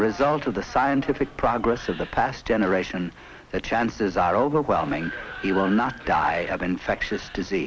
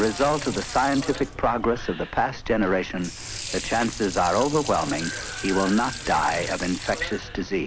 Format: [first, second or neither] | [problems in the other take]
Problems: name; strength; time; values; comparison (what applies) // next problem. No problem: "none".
first | background sound (Sink (filling or washing) / Water); 11 dB below the speech